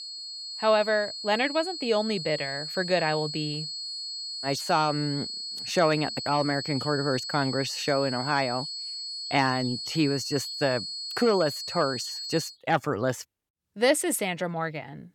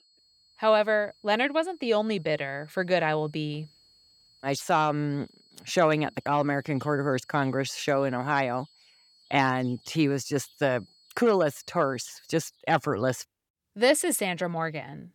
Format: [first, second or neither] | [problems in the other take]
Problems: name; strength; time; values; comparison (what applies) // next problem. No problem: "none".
second | high-pitched whine; loud; until 12 s; 4.5 kHz, 6 dB below the speech; faint in the second